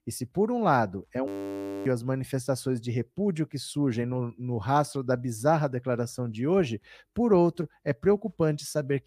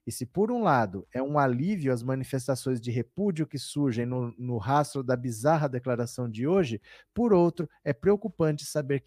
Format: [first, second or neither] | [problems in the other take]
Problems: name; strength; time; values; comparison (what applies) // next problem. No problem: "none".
second | audio freezing; at 1.5 s for 0.5 s